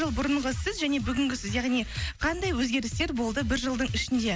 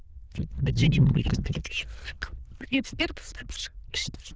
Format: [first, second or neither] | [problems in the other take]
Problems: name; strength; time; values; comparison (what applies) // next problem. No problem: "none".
first | noise reduction (neural diffusion model UNIVERSE++)